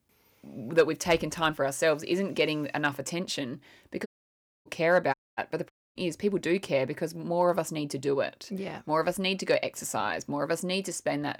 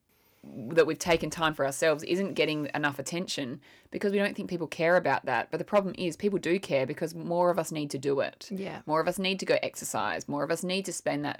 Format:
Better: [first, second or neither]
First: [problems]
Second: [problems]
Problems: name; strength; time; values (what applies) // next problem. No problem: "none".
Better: second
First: audio cutting out; at 4 s for 0.5 s, at 5 s and at 5.5 s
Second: none